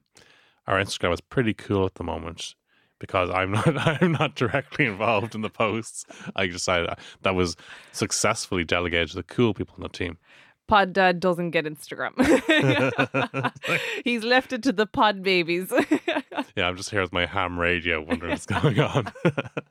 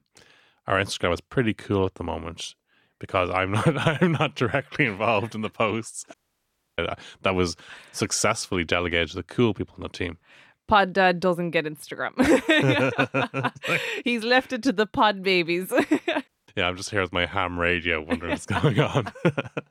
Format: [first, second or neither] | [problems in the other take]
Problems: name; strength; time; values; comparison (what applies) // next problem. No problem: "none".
first | audio cutting out; at 6 s for 0.5 s and at 16 s